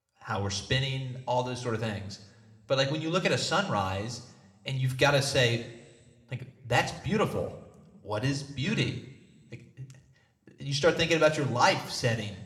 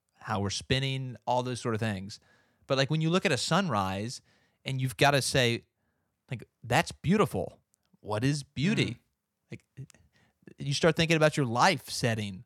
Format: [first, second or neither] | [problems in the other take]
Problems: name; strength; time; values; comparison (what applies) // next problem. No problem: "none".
second | room echo; very slight; dies away in 1 s